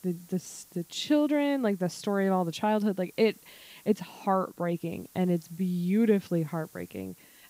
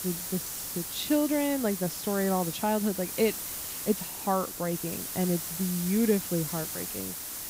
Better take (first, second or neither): first